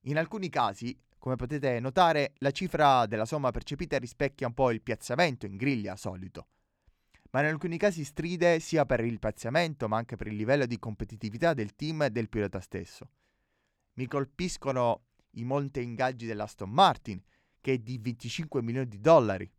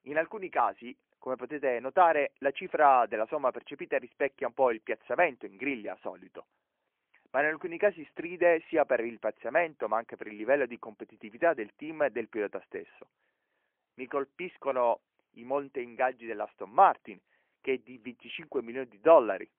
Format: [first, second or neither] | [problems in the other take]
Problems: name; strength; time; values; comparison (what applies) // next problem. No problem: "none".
first | phone-call audio; poor line